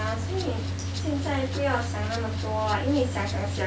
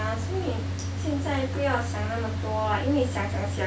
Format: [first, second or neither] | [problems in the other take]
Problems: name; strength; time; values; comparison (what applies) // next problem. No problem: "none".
second | background sound (Rattle (instrument)); 19 dB below the speech